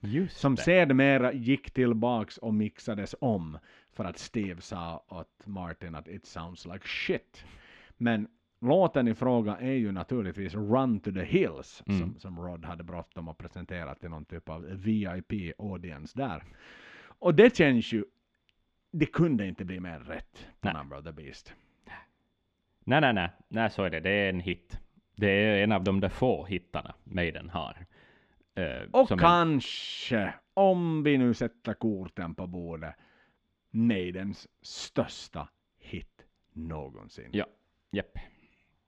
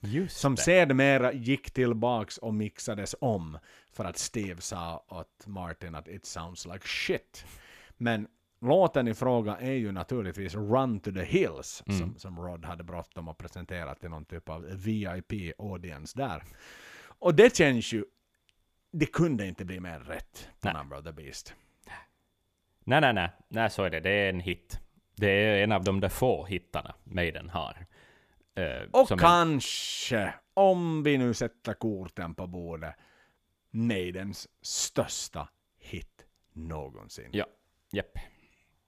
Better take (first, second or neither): second